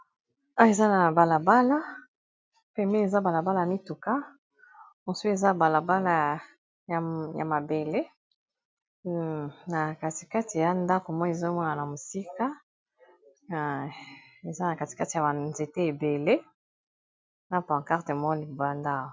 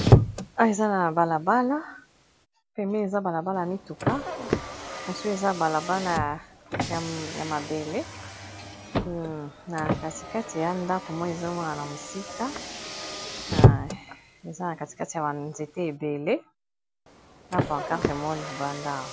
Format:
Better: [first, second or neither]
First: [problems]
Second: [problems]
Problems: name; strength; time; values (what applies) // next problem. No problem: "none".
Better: first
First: none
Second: background sound (Car); as loud as the speech